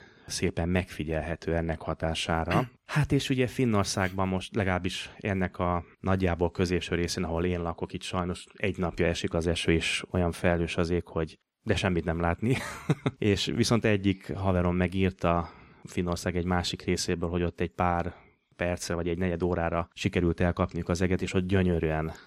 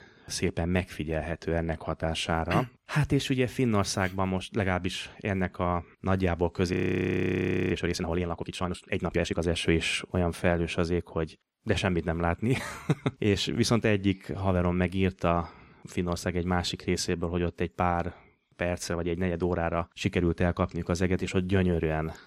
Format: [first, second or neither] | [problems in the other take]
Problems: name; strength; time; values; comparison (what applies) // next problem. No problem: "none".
first | audio freezing; at 6.5 s for 1 s